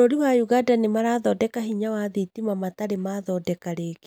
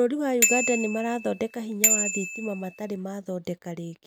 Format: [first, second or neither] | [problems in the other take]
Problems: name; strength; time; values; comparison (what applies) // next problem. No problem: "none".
first | background sound (Bicycle bell); 1 dB above the speech